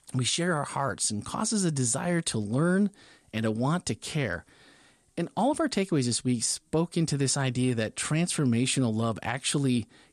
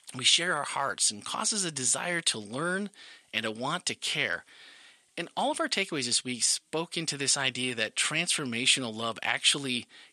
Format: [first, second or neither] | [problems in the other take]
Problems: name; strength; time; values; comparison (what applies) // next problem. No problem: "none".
first | thin; somewhat; fading below 750 Hz